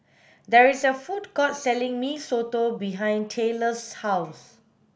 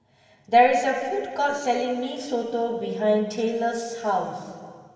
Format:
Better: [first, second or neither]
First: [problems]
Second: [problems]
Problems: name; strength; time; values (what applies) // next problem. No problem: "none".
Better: first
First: none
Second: room echo; dies away in 1.9 s